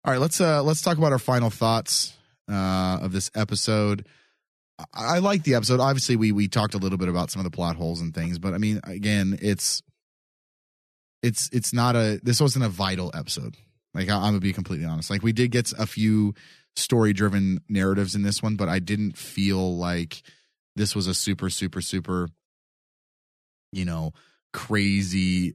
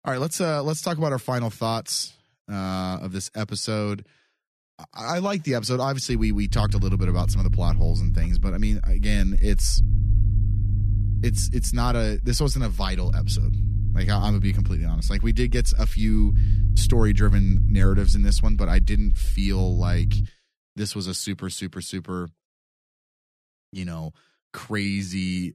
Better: first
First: none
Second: low rumble; noticeable; from 6 to 20 s; 10 dB below the speech

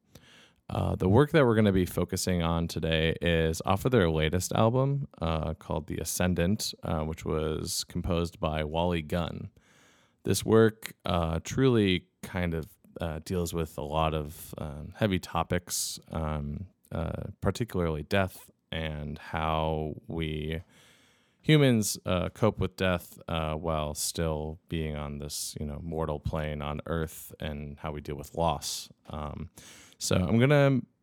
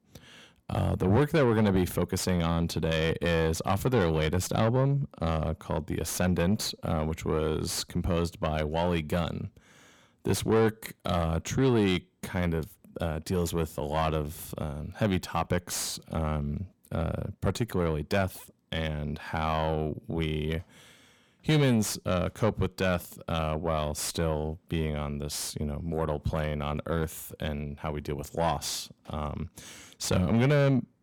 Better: first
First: none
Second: distortion; slight; 10 dB below the speech

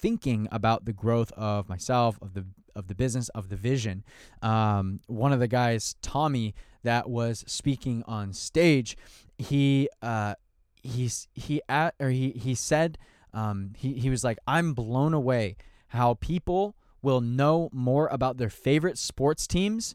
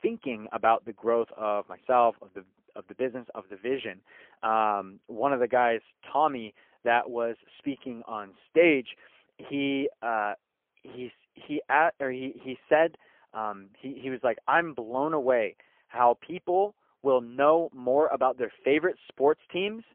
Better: first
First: none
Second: phone-call audio; poor line; nothing above 3 kHz

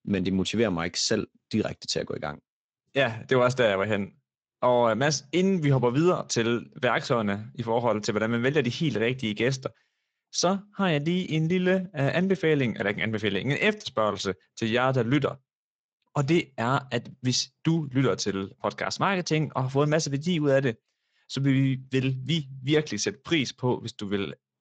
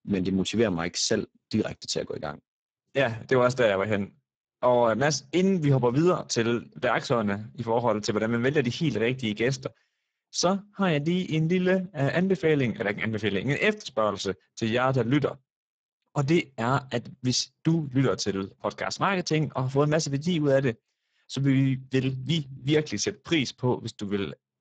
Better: first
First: garbled, watery; slightly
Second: garbled, watery; badly; nothing above 7.5 kHz

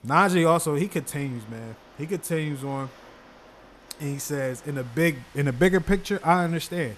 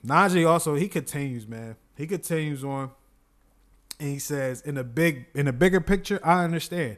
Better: second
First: rain or running water; faint; throughout; 25 dB below the speech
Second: none

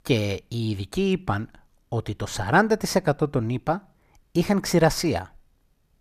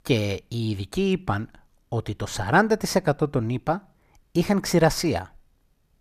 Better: neither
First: none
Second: none

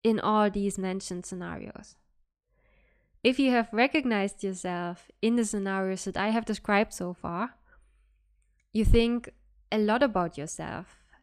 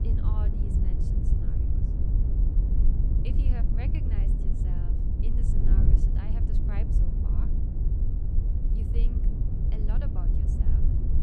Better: first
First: none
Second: wind noise on the microphone; heavy; 5 dB above the speech

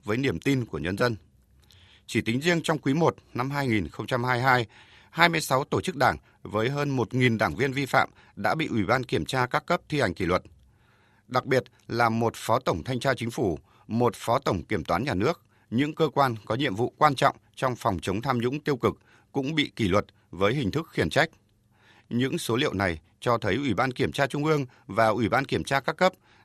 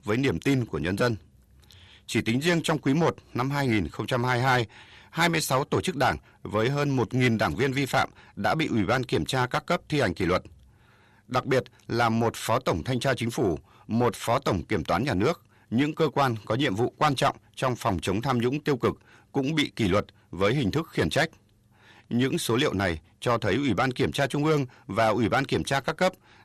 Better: first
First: none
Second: distortion; slight; 10 dB below the speech

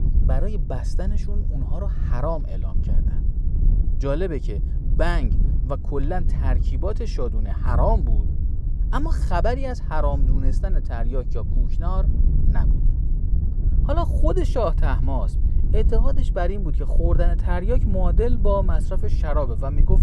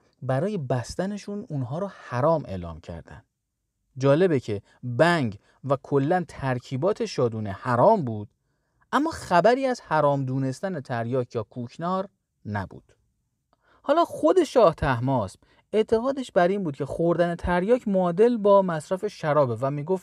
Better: second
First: wind noise on the microphone; occasional gusts; 10 dB below the speech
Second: none

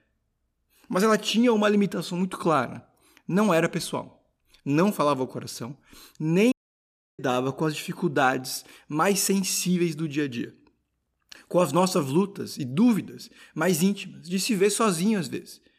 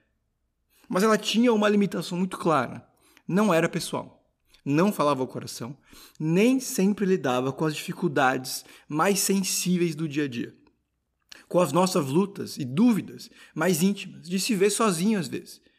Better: second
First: audio cutting out; at 6.5 s for 0.5 s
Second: none

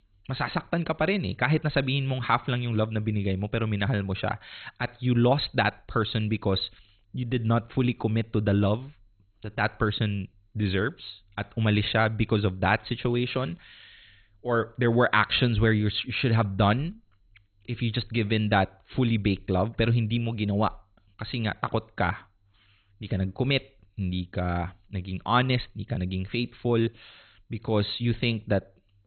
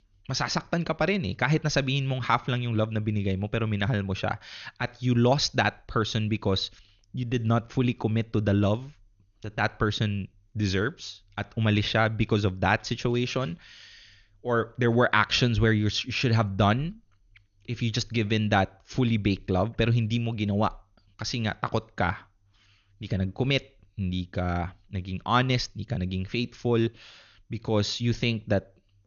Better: second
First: garbled, watery; badly; nothing above 4 kHz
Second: garbled, watery; slightly; nothing above 6.5 kHz

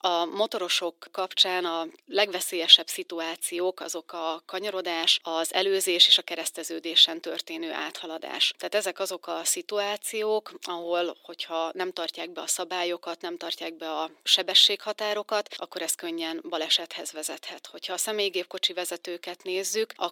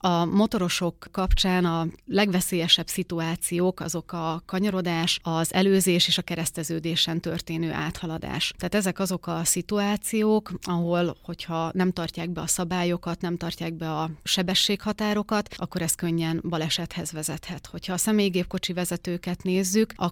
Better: second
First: thin; very; fading below 300 Hz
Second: none

